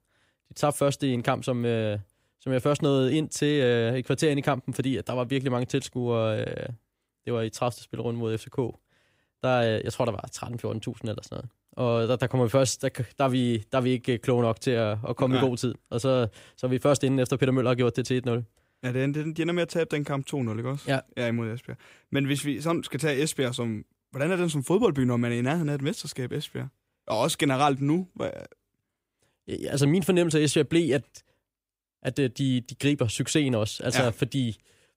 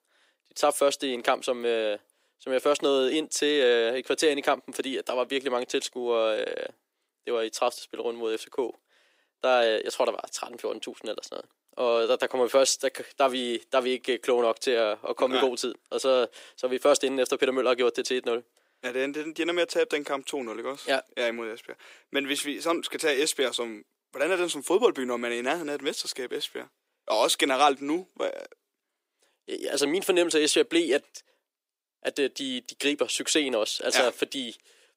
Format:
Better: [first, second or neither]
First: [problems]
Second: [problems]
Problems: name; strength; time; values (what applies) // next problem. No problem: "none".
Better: first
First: none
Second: thin; somewhat; fading below 350 Hz